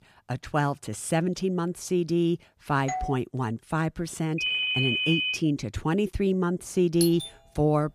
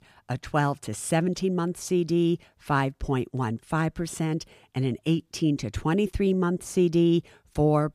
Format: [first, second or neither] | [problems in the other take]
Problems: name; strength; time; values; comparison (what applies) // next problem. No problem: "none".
second | doorbell; noticeable; at 3 s and at 7 s; peak 4 dB below the speech // phone ringing; loud; at 4.5 s; peak 4 dB above the speech